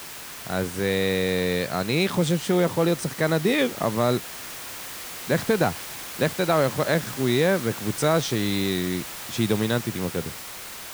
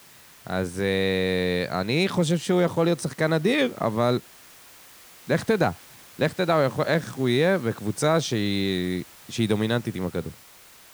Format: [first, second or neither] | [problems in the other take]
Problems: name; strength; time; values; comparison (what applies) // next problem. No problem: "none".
second | hiss; loud; throughout; 10 dB below the speech; faint in the second